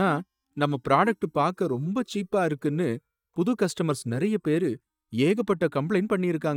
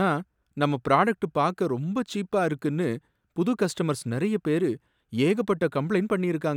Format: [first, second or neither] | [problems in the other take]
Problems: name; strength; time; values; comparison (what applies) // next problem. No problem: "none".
second | noise reduction (neural mask model DeepFilterNet 3)